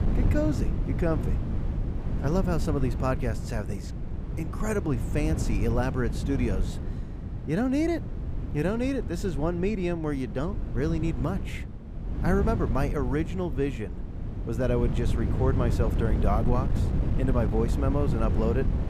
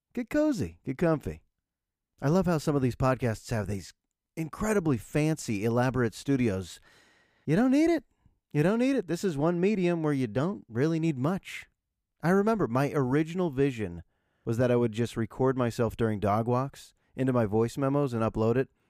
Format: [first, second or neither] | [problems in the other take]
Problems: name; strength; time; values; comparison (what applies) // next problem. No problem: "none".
second | wind noise on the microphone; heavy; 9 dB below the speech